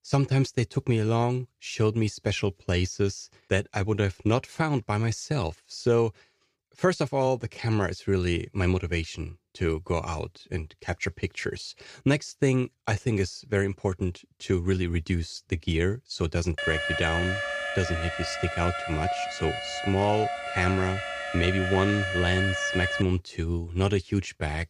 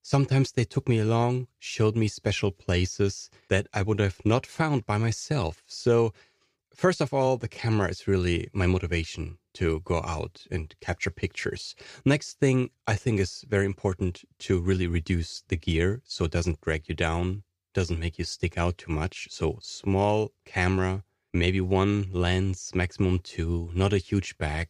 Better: second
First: alarm; loud; from 17 to 23 s; peak level with the speech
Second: none

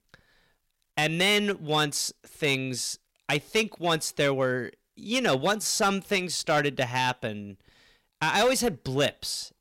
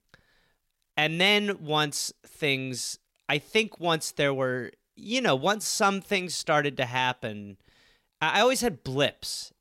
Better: second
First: distortion; slight; 4% of the sound clipped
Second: none

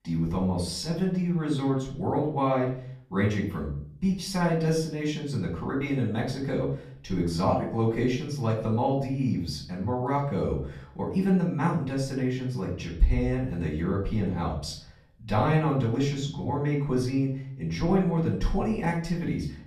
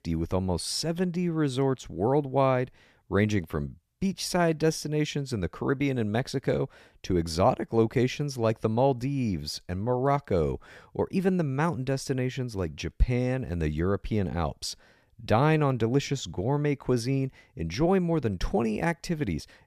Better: second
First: off-mic speech; far // room echo; slight; dies away in 0.5 s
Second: none

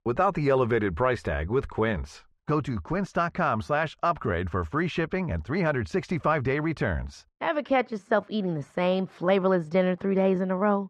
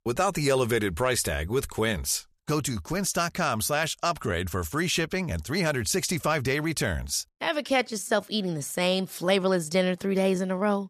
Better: second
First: muffled; very; fading above 2 kHz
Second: none

